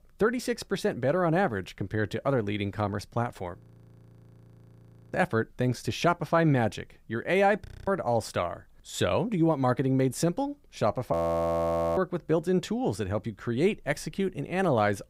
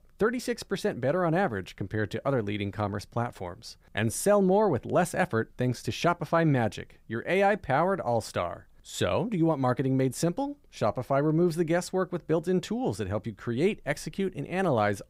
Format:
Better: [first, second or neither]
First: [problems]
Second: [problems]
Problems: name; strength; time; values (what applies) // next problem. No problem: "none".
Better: second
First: audio freezing; at 3.5 s for 1.5 s, at 7.5 s and at 11 s for 1 s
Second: none